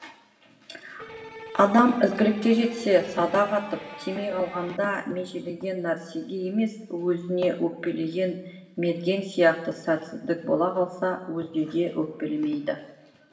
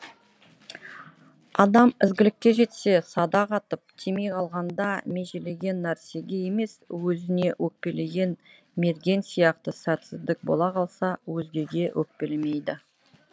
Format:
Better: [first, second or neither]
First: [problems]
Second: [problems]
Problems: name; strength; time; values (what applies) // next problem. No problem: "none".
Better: second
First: background sound (Electric guitar); 16 dB below the speech // room echo; dies away in 1 s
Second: none